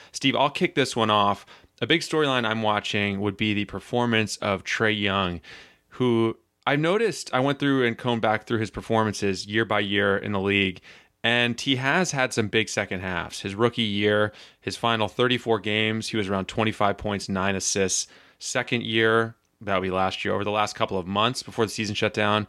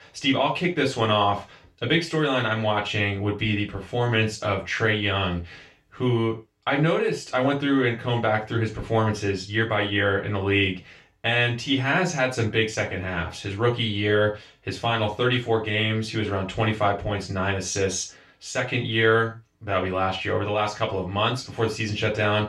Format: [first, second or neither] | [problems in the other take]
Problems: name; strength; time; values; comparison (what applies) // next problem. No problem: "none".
first | room echo; slight; dies away in 0.3 s // off-mic speech; far